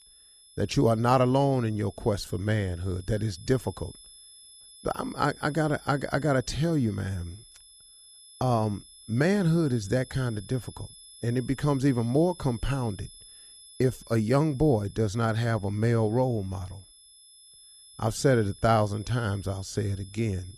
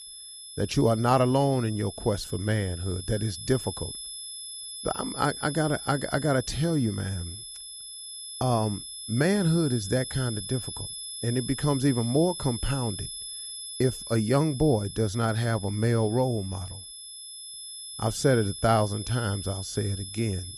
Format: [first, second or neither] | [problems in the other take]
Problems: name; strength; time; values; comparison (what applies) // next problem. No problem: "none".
first | high-pitched whine; loud; throughout; 11 kHz, 9 dB below the speech; faint in the first